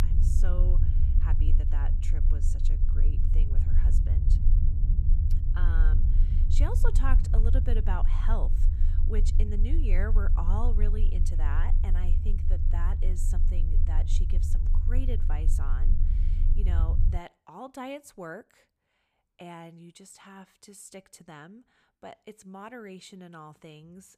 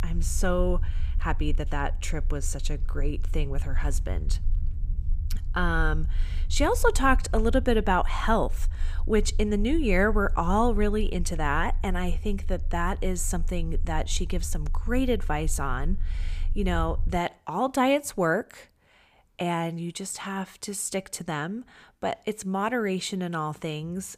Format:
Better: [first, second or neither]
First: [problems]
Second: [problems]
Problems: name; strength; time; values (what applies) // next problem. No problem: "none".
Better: second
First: low rumble; loud; until 17 s; 5 dB below the speech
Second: low rumble; faint; until 17 s; 25 dB below the speech